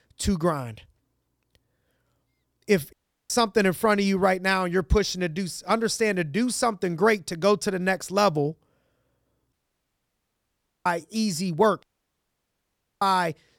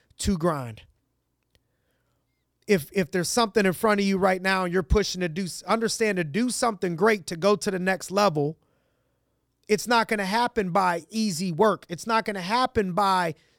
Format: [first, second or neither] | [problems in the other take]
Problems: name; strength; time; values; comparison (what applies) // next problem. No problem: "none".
second | audio cutting out; at 3 s, at 9.5 s for 1.5 s and at 12 s for 1 s